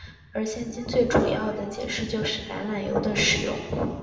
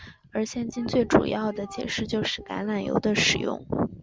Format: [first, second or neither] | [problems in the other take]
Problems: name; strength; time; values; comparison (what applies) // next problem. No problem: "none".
second | room echo; dies away in 1.1 s